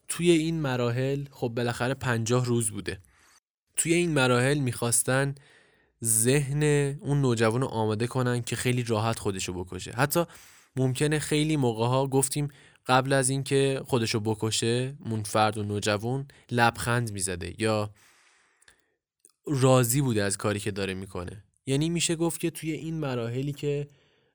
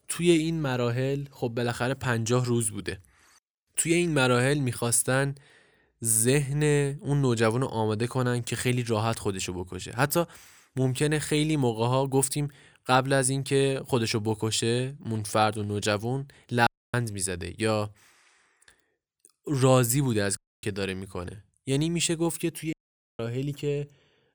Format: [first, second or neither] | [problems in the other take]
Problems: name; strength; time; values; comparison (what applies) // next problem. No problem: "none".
first | audio cutting out; at 17 s, at 20 s and at 23 s